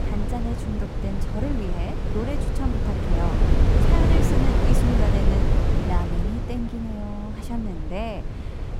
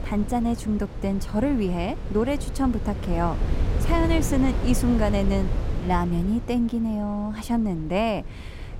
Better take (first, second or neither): second